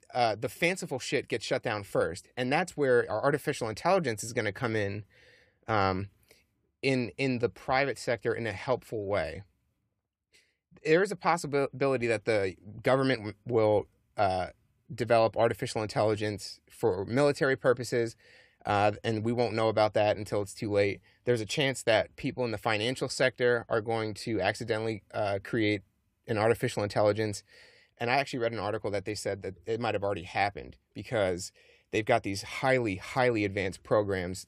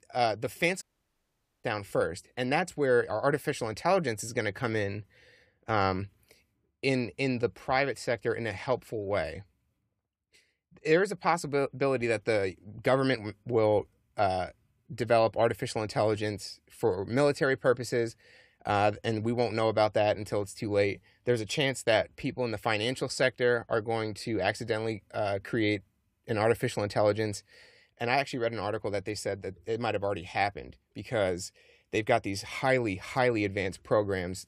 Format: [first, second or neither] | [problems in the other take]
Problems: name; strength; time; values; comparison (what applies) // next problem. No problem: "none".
first | audio cutting out; at 1 s for 1 s